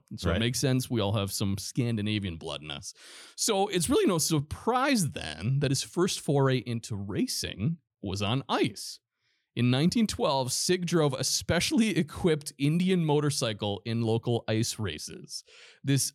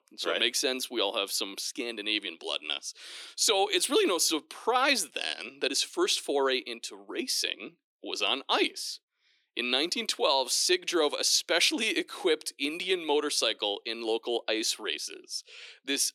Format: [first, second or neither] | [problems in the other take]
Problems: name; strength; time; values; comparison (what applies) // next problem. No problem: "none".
first | thin; very; fading below 300 Hz